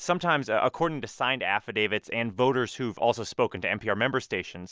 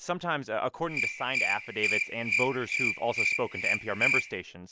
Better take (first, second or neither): first